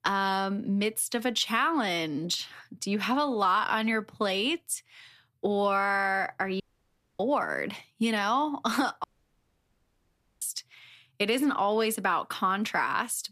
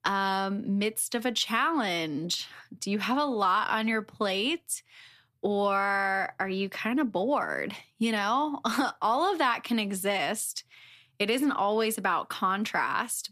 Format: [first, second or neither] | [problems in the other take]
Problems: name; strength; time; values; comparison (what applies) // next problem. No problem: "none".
second | audio cutting out; at 6.5 s for 0.5 s and at 9 s for 1.5 s